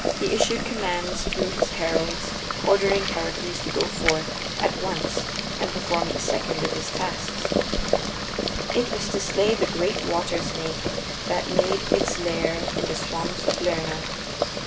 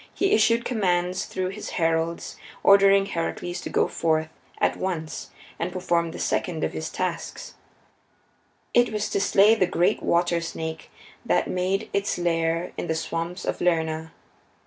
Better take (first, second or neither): second